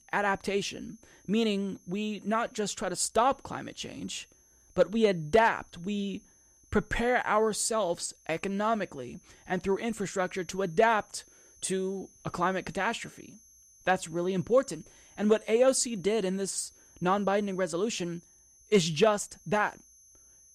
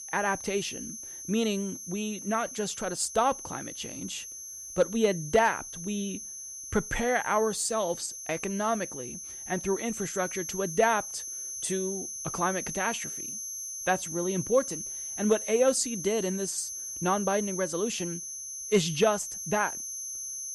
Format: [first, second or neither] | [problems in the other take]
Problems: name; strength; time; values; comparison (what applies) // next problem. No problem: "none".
first | high-pitched whine; loud; throughout; 6 kHz, 6 dB below the speech; faint in the first